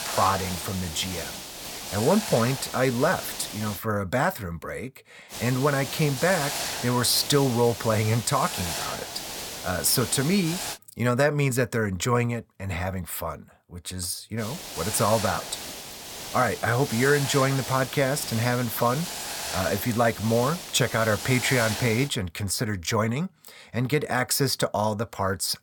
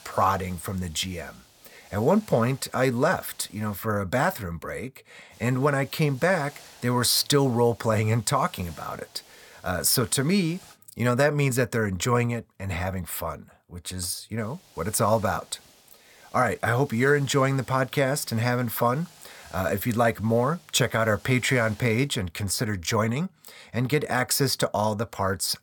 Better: second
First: hiss; loud; until 4 s, from 5.5 to 11 s and from 14 to 22 s; 7 dB below the speech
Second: hiss; faint; until 4 s, from 5.5 to 11 s and from 14 to 22 s; 25 dB below the speech

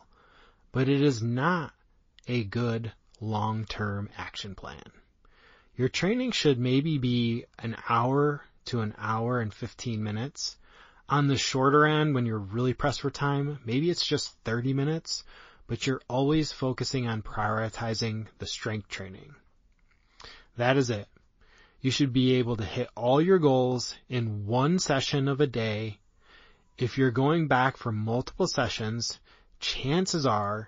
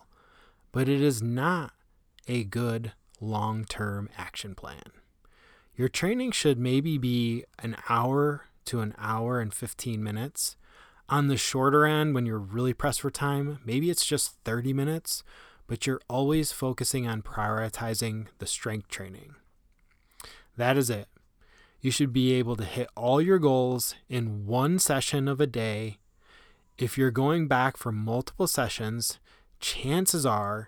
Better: second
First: garbled, watery; slightly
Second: none

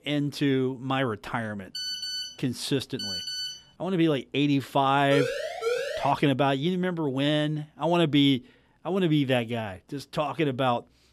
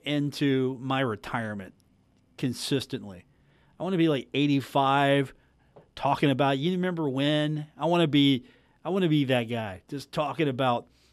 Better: second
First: phone ringing; noticeable; from 1.5 to 3.5 s; peak 3 dB below the speech // siren; noticeable; from 5 to 6 s; peak 3 dB below the speech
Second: none

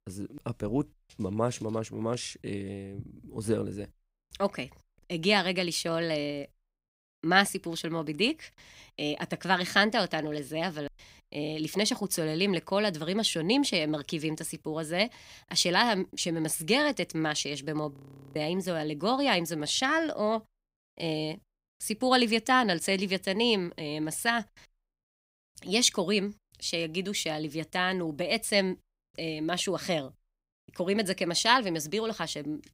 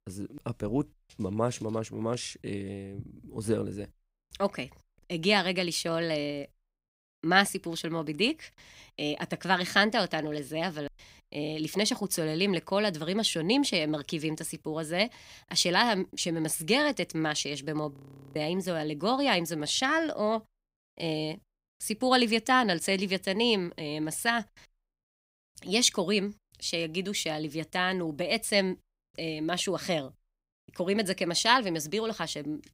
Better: neither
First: audio freezing; at 18 s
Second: audio freezing; at 18 s

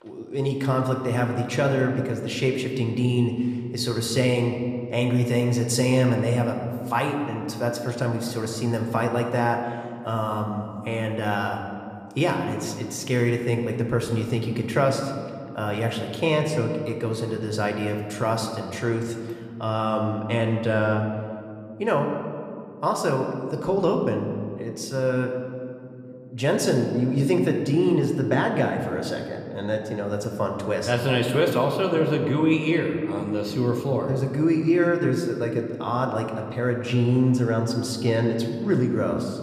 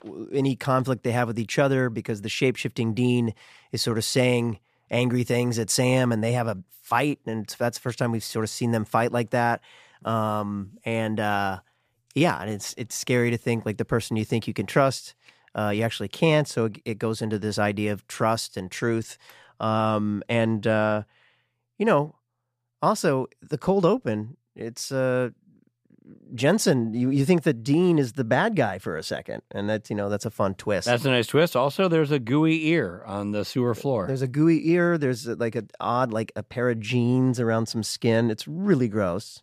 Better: second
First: room echo; slight; dies away in 2 s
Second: none

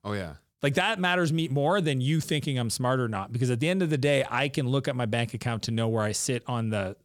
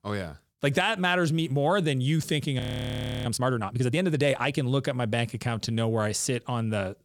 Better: first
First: none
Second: audio freezing; at 2.5 s for 0.5 s

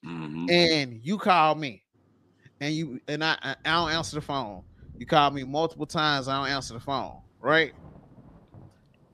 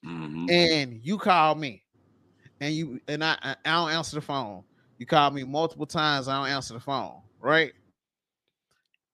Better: second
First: rain or running water; faint; from 3.5 s on; 25 dB below the speech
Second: none

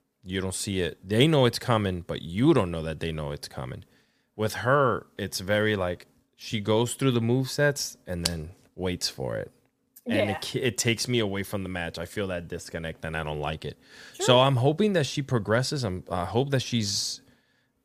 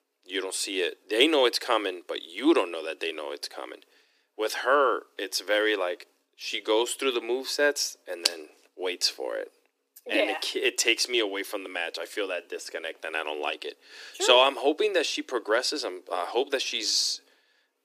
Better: first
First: none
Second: thin; very; fading below 300 Hz

